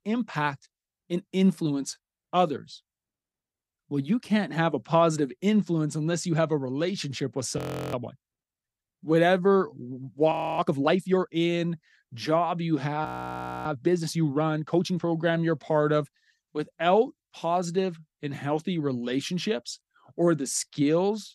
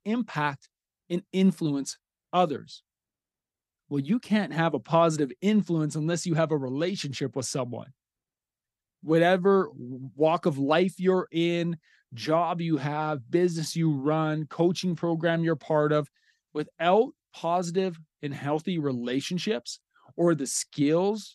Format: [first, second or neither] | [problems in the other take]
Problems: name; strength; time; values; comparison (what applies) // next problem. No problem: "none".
second | audio freezing; at 7.5 s, at 10 s and at 13 s for 0.5 s